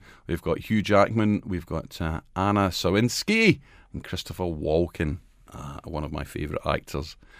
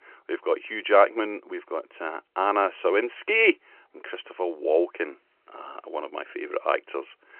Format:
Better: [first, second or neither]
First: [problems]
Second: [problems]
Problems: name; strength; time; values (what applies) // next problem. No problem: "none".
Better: first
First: none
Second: phone-call audio; nothing above 2.5 kHz